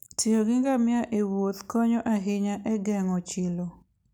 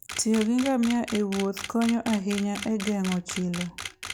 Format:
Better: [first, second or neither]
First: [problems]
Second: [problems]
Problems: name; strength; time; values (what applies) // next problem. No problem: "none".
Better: first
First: none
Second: background sound (Camera); 12 dB below the speech